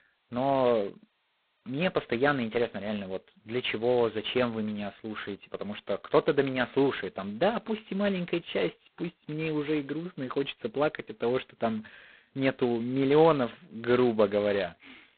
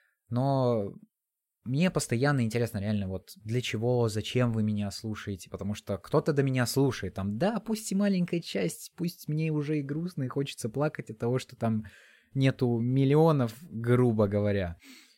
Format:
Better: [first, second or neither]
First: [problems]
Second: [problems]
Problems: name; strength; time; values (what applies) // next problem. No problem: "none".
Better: second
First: phone-call audio; poor line; nothing above 4 kHz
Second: none